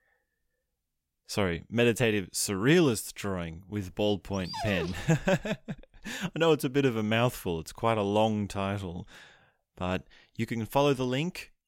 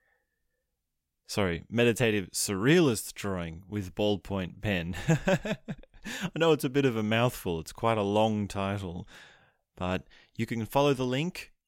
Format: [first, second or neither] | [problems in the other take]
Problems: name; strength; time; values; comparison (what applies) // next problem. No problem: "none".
second | dog barking; noticeable; at 4.5 s; peak 6 dB below the speech